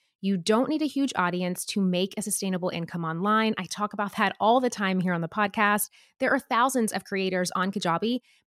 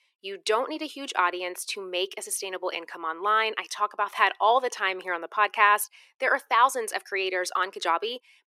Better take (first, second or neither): first